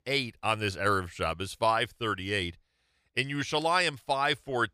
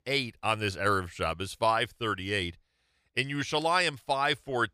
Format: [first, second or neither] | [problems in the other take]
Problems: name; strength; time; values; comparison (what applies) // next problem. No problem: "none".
neither | none